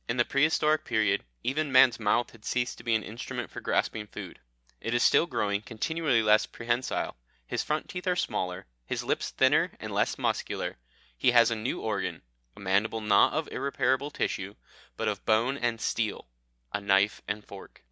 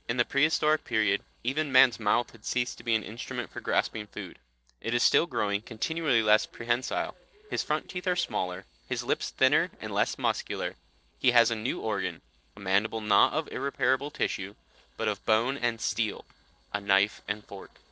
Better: first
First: none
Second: noise reduction (neural separator model SepFormer DNS4)

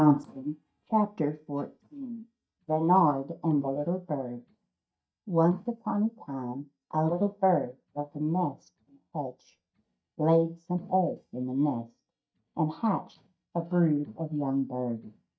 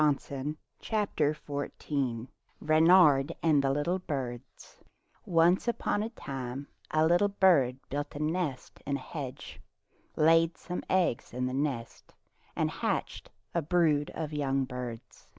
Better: second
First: noise reduction (neural mask model DeepFilterNet 3)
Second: none

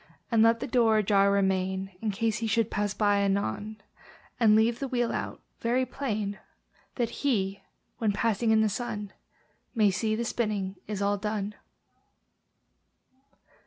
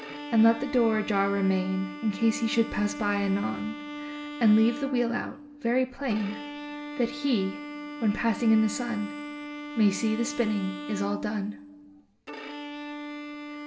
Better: first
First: none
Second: background sound (Bowed string instrument); 10 dB below the speech // room echo; dies away in 1.1 s

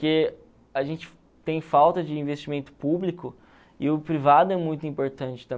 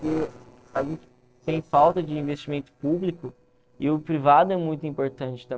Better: first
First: none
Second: noise reduction (neural separator model SepFormer DNS4)

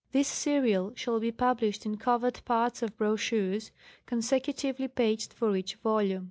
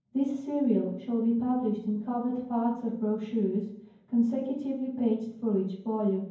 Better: first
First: none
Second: room echo; dies away in 0.9 s

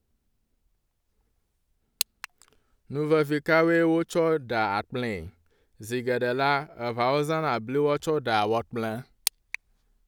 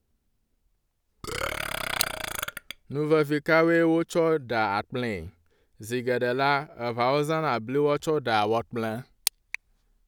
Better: first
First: none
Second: background sound (Burping, eructation); 6 dB below the speech

